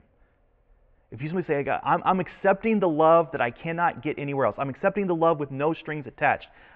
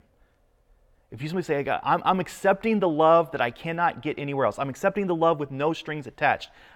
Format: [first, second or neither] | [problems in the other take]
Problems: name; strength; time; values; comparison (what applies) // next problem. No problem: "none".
second | muffled; very; fading above 2.5 kHz